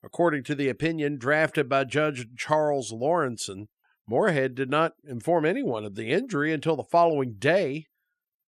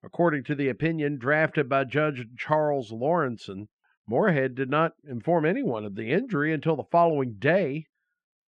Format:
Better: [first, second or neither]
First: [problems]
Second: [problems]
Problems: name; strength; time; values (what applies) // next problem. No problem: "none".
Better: first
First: none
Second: muffled; slightly; fading above 2.5 kHz